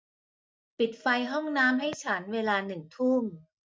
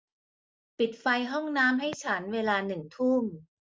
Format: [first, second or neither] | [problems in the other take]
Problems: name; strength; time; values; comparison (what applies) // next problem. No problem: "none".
second | noise reduction (neural mask model DeepFilterNet 3)